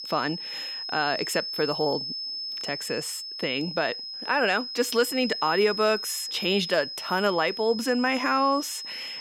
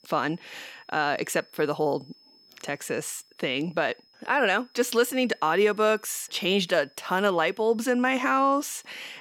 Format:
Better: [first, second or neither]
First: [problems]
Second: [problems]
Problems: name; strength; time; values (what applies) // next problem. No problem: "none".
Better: second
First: high-pitched whine; loud; throughout; 5 kHz, 6 dB below the speech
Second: high-pitched whine; faint; throughout; 5 kHz, 30 dB below the speech